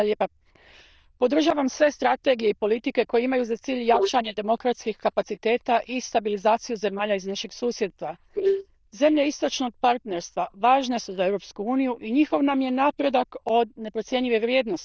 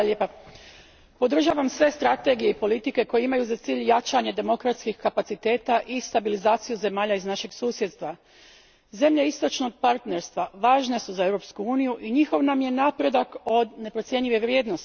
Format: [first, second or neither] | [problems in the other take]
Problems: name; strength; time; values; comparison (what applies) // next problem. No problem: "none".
second | noise reduction (neural diffusion model UNIVERSE++)